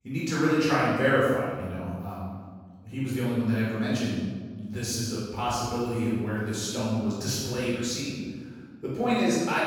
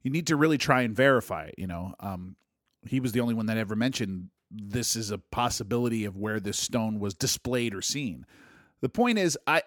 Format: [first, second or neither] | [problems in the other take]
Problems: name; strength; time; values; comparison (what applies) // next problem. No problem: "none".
second | off-mic speech; far // room echo; strong; dies away in 1.3 s